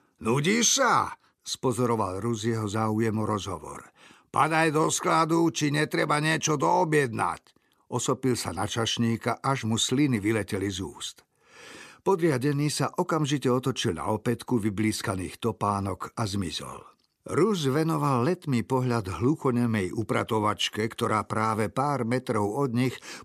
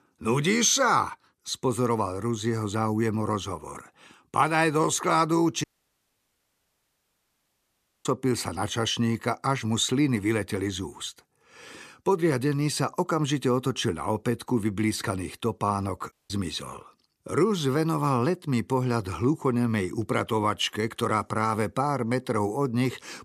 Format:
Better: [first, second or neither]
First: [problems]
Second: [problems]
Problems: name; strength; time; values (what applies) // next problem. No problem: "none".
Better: first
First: none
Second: audio cutting out; at 5.5 s for 2.5 s and at 16 s